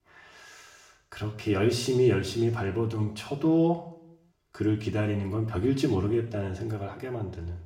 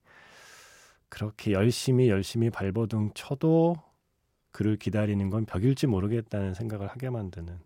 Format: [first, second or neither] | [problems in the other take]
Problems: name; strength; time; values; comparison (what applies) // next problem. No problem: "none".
second | room echo; slight; dies away in 0.6 s // off-mic speech; far